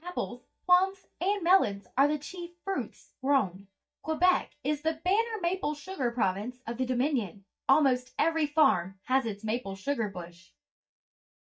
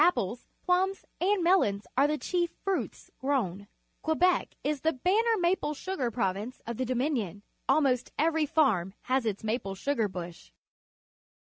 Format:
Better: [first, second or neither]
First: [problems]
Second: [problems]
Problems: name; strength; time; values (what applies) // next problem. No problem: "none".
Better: second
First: noise reduction (neural mask model DeepFilterNet 3)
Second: none